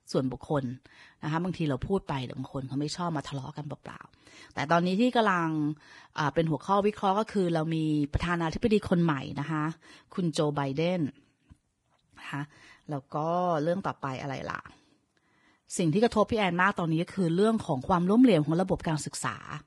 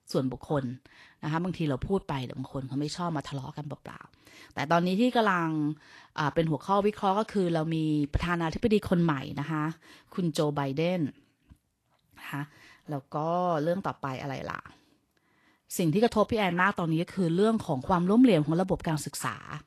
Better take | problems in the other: second | garbled, watery; badly; nothing above 10.5 kHz; slightly in the second

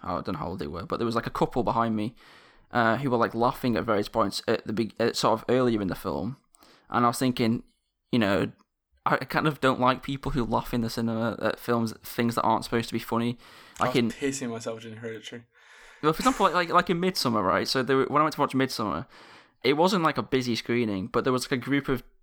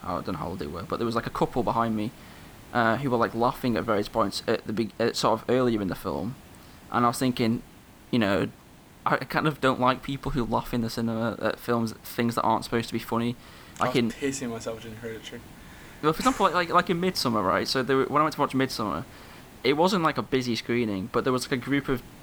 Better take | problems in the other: first | hiss; faint; throughout; 20 dB below the speech

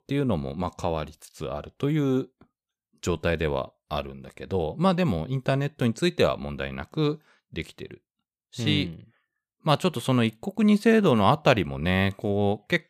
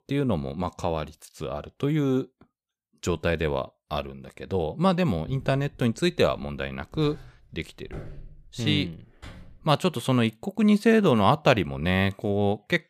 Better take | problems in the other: first | footsteps; faint; from 5.5 to 9.5 s; peak 15 dB below the speech

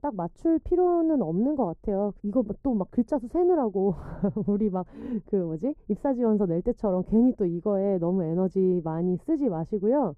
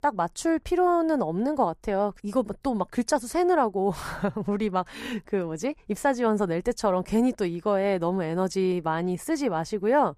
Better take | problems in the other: second | muffled; very; fading above 1 kHz

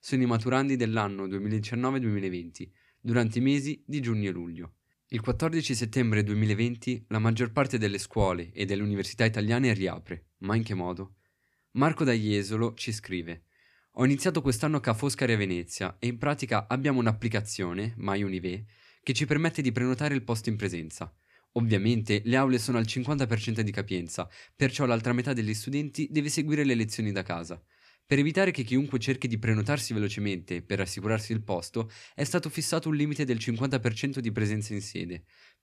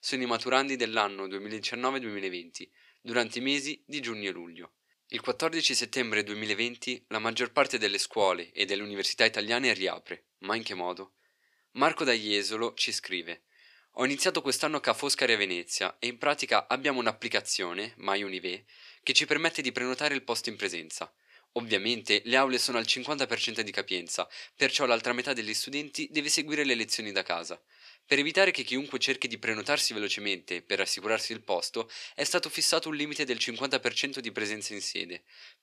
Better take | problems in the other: first | thin; somewhat; fading below 500 Hz

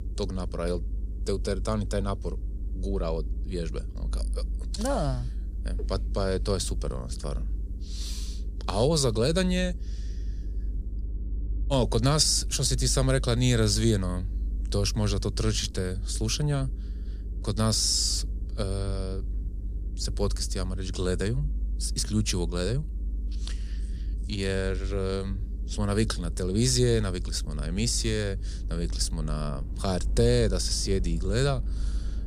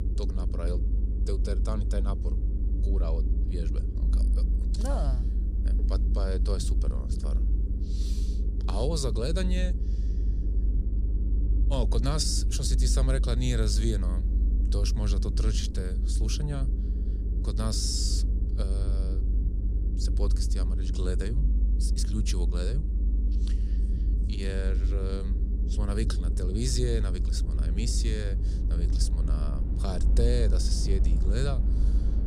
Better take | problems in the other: first | low rumble; loud; throughout; 9 dB below the speech; faint in the first

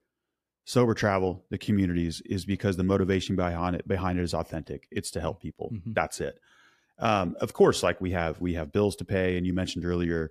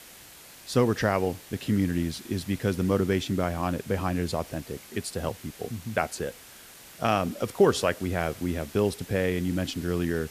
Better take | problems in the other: first | hiss; noticeable; throughout; 15 dB below the speech

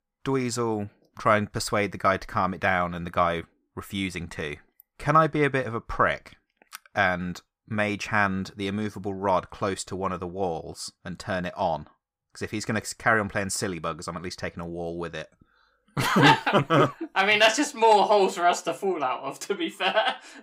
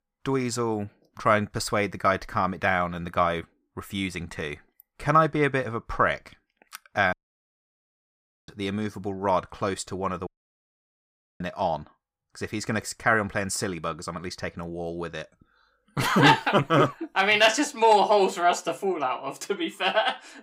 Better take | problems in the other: first | audio cutting out; at 7 s for 1.5 s and at 10 s for 1 s

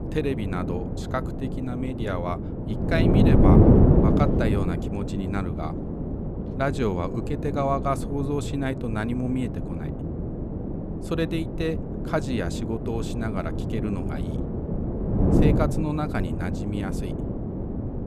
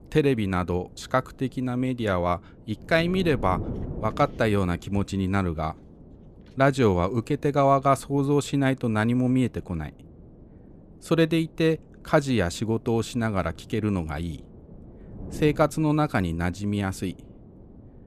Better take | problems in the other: second | wind noise on the microphone; heavy; 1 dB below the speech; occasional gusts in the second

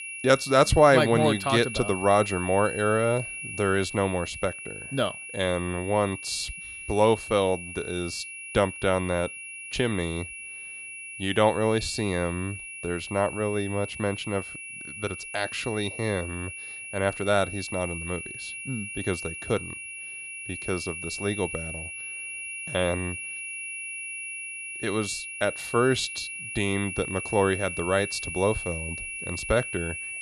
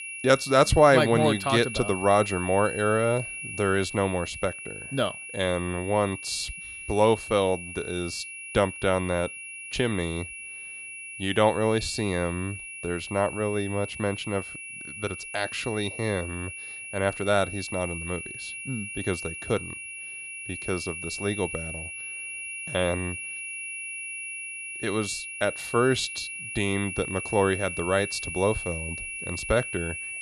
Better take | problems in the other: neither | high-pitched whine; loud; throughout; 2.5 kHz, 8 dB below the speech; the same in both

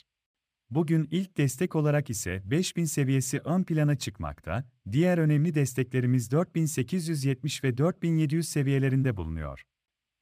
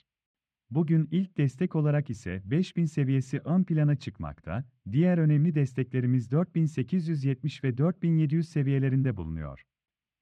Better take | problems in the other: first | muffled; slightly; fading above 3.5 kHz

